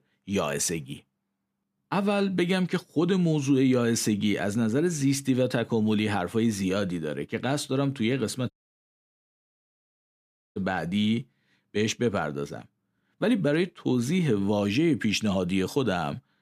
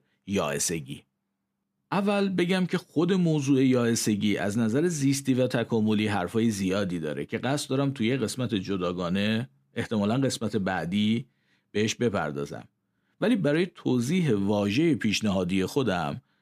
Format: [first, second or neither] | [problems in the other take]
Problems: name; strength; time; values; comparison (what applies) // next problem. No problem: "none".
second | audio cutting out; at 8.5 s for 2 s